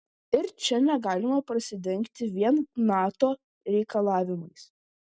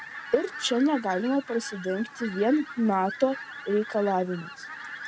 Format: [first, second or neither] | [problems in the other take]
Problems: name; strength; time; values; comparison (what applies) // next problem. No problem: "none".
first | background sound (Fowl); 13 dB below the speech